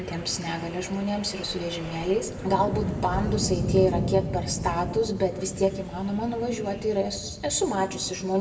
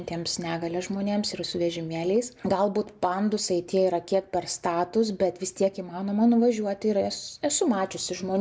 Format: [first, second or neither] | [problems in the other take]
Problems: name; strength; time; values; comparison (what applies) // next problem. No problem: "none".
second | background sound (Wind); 5 dB below the speech // room echo; dies away in 0.7 s